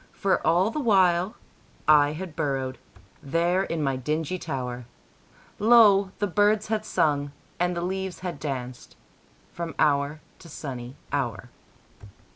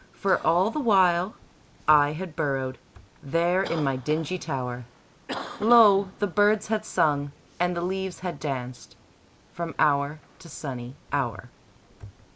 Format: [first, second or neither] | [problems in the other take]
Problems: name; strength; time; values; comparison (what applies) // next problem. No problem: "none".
first | background sound (Cough); 19 dB below the speech